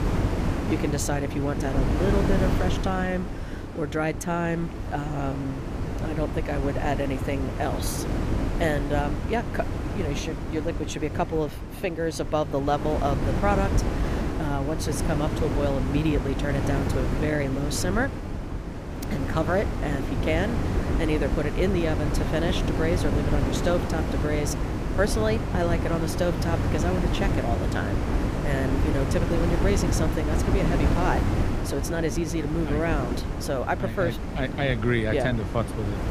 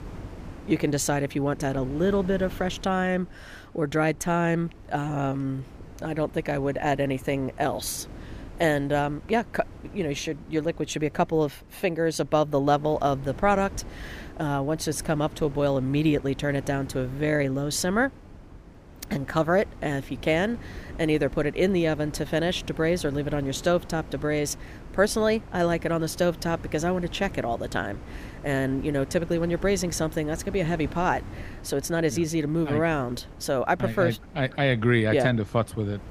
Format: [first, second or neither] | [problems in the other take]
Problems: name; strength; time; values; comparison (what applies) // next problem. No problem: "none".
second | wind noise on the microphone; heavy; 4 dB below the speech; occasional gusts in the second